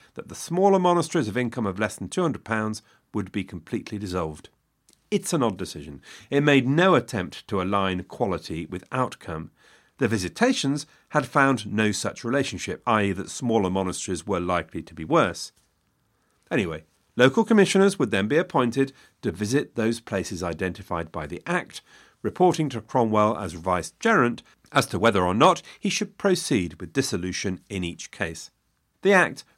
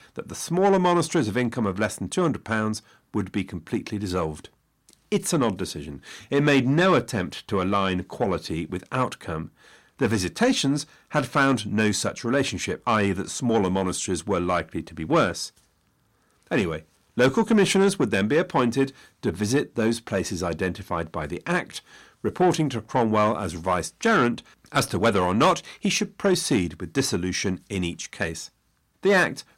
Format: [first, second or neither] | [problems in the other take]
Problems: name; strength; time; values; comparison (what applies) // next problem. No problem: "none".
first | distortion; slight; 10 dB below the speech